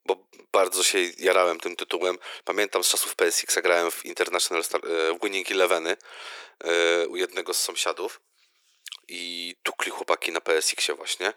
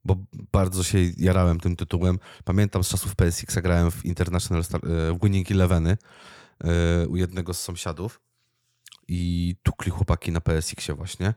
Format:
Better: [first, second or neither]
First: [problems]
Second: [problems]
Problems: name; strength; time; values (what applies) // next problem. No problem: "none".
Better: second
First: thin; very; fading below 350 Hz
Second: none